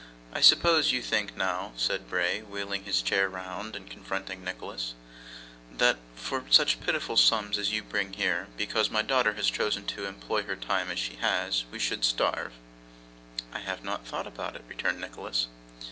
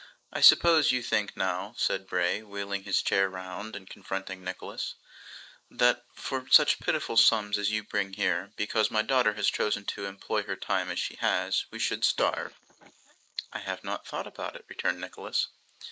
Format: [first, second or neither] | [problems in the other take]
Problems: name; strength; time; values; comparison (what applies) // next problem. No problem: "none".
first | noise reduction (neural mask model Resemble Enhance denoiser)